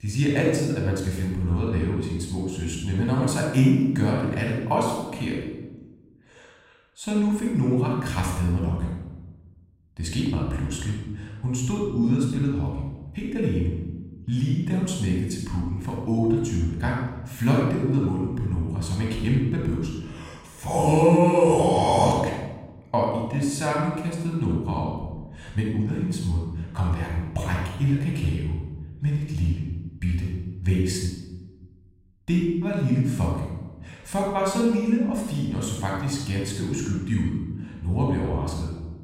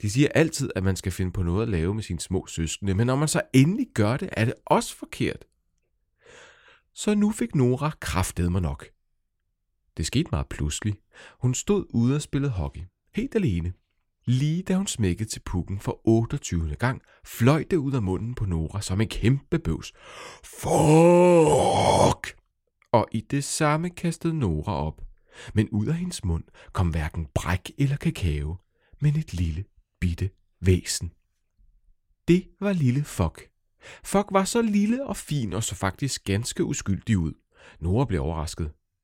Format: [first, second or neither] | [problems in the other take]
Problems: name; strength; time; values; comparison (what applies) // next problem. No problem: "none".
second | off-mic speech; somewhat distant // room echo; noticeable; dies away in 1 s